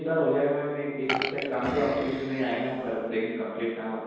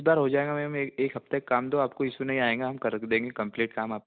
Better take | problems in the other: second | background sound (Burping, eructation); 7 dB below the speech // room echo; dies away in 1.2 s

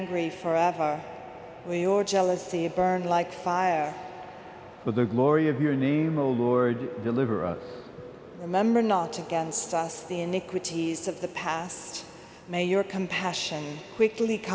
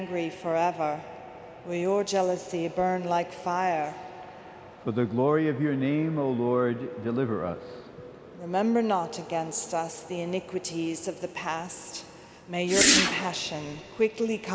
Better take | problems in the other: first | background sound (Whoosh, swoosh, swish); 3 dB above the speech

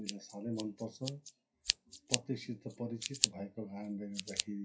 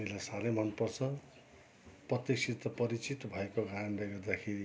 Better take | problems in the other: second | noise reduction (classical method WPE with log-MMSE)

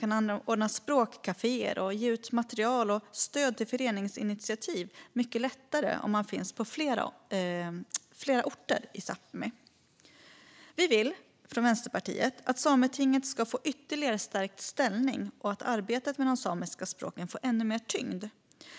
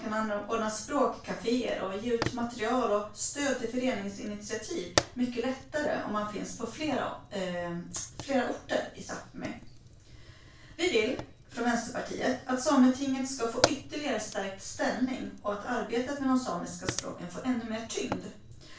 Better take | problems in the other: first | background sound (Fire); 9 dB below the speech // room echo; dies away in 0.3 s

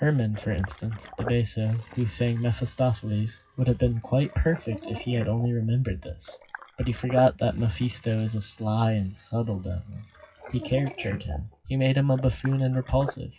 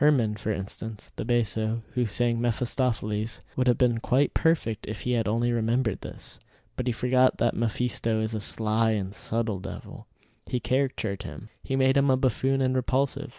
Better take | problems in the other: second | noise reduction (classical method WPE with log-MMSE)

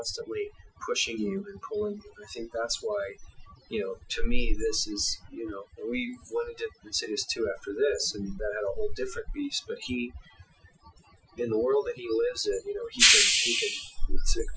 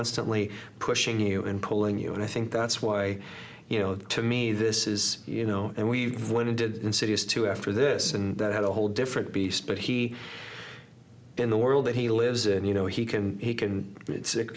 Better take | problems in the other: second | noise reduction (classical method Wiener filter)

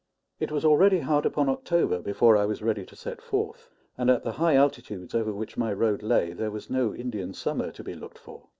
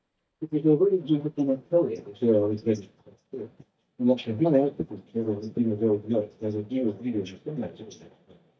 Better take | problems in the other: first | noise reduction (neural mask model DeepFilterNet 3)

